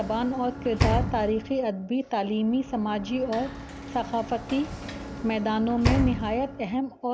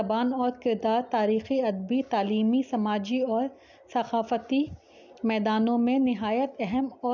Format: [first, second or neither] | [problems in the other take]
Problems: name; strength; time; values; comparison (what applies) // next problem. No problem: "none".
second | background sound (Sliding door / Slam); 5 dB below the speech